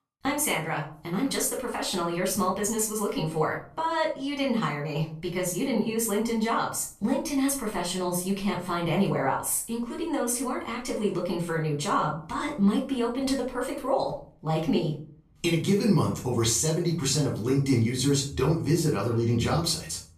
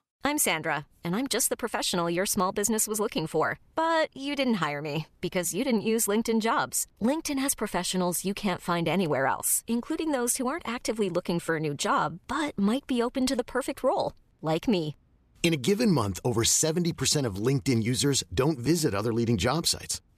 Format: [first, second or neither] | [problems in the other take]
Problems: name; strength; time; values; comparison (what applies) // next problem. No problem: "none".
second | off-mic speech; far // room echo; slight; dies away in 0.4 s